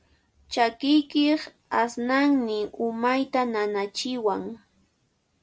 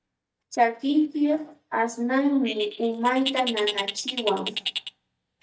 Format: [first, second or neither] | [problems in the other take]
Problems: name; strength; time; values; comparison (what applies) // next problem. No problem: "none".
first | noise reduction (neural mask model DeepFilterNet 3)